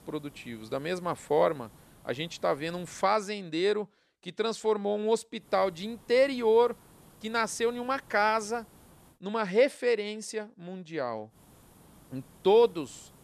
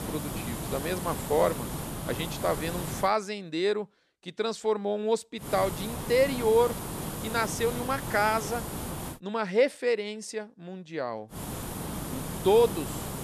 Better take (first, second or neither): first